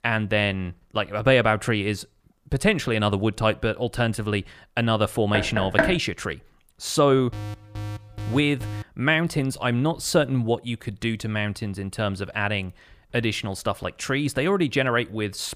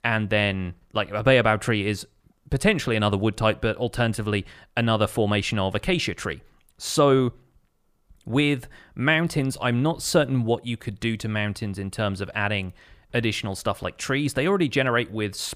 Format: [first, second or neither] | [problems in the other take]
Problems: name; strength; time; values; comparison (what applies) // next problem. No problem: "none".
second | door banging; loud; at 5.5 s; peak 1 dB above the speech // alarm; faint; from 7.5 to 9 s; peak 10 dB below the speech